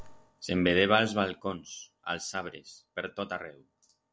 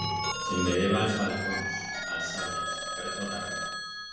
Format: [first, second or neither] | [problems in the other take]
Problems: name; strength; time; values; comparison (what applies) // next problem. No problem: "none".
first | background sound (Telephone); 1 dB below the speech // room echo; dies away in 1 s